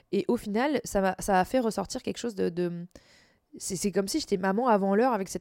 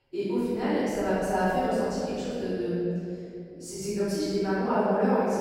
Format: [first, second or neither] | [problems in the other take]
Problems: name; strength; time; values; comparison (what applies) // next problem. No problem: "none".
first | off-mic speech; far // room echo; strong; dies away in 2.7 s